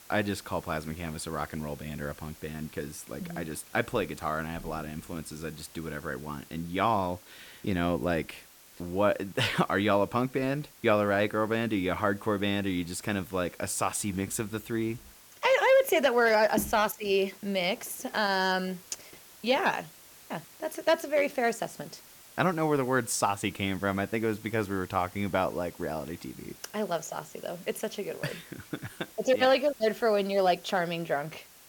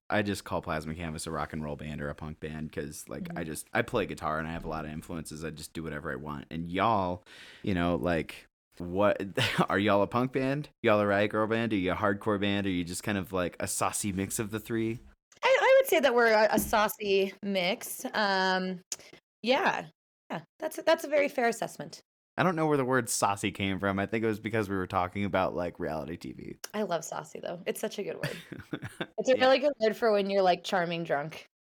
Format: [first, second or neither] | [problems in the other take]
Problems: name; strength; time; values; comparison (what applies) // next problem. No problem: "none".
second | hiss; faint; throughout; 20 dB below the speech